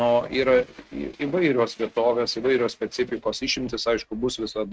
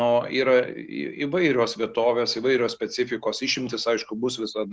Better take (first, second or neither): second